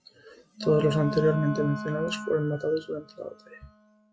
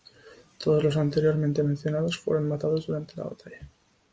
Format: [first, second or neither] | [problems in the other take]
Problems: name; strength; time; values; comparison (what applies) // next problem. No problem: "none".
second | noise reduction (classical method log-MMSE)